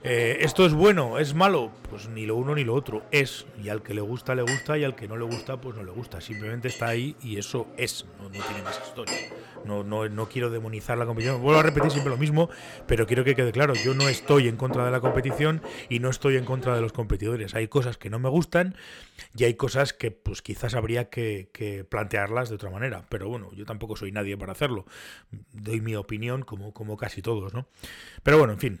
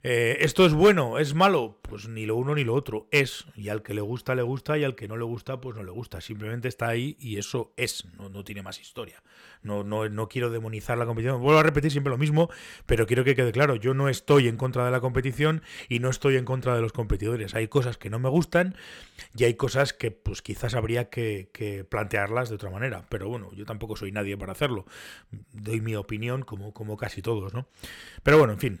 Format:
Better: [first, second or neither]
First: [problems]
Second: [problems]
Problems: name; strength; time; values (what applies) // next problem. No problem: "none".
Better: second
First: household noises; loud; until 17 s; 8 dB below the speech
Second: none